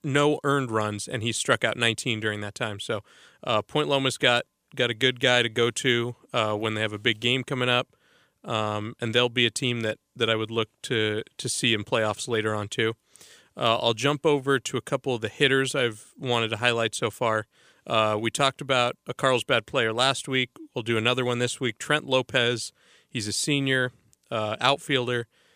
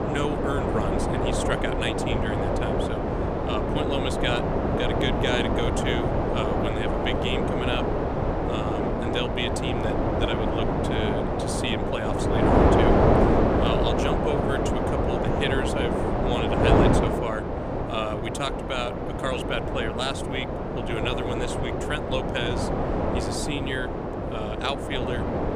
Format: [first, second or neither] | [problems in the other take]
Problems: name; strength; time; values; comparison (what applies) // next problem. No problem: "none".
first | wind noise on the microphone; heavy; 4 dB above the speech